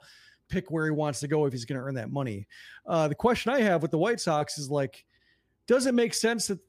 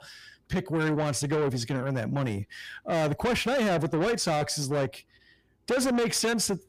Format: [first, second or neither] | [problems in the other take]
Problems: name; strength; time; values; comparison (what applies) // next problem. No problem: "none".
first | distortion; heavy; 7 dB below the speech